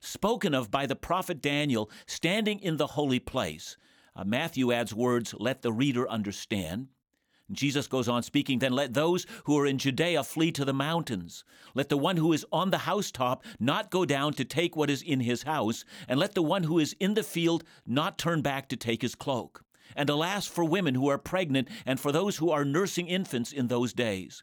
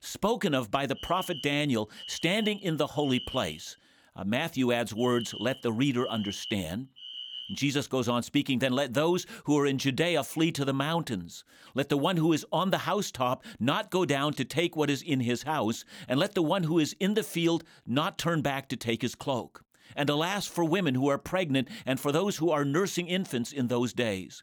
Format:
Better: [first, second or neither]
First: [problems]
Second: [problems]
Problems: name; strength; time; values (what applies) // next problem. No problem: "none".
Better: first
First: none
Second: alarm; noticeable; from 1 to 7.5 s; peak 9 dB below the speech